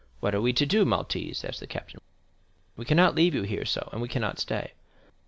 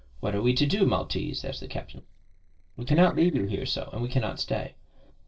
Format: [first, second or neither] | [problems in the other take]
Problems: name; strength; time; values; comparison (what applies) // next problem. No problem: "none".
first | noise reduction (neural separator model SepFormer DNS4)